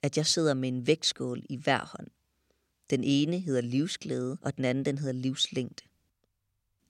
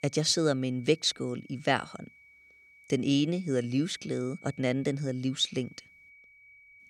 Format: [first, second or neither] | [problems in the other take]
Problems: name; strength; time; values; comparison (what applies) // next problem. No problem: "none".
first | high-pitched whine; faint; throughout; 2.5 kHz, 25 dB below the speech